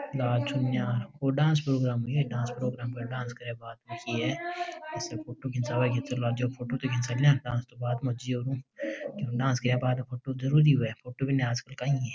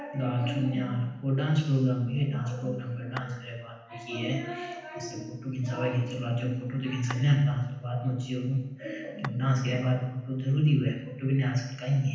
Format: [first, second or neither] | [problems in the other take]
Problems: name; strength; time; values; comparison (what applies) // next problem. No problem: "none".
first | background sound (Tap / Glass); 19 dB below the speech // room echo; dies away in 0.9 s